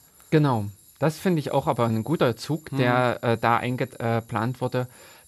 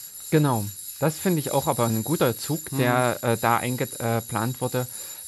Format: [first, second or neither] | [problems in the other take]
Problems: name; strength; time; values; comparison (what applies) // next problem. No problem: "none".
first | machinery noise; loud; throughout; 9 dB below the speech; faint in the first